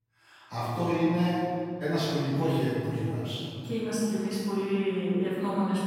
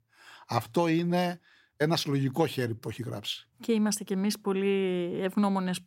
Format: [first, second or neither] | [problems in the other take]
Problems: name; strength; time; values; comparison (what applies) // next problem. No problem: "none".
second | room echo; strong; dies away in 2.6 s // off-mic speech; far